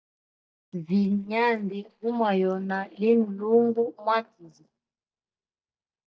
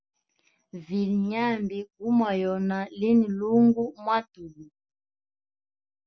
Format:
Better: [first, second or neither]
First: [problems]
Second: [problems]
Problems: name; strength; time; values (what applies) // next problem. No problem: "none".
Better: second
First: noise reduction (neural mask model DeepFilterNet 3)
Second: none